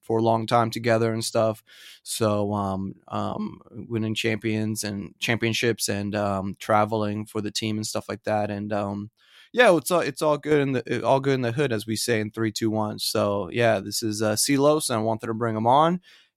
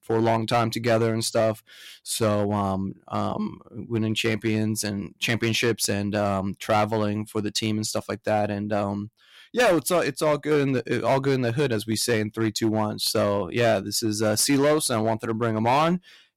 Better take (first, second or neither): first